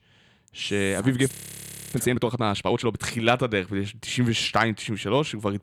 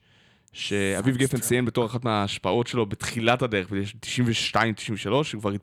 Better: second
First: audio freezing; at 1.5 s for 0.5 s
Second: none

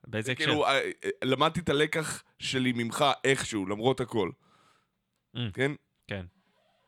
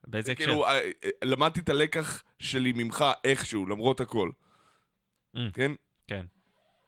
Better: first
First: none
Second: garbled, watery; slightly

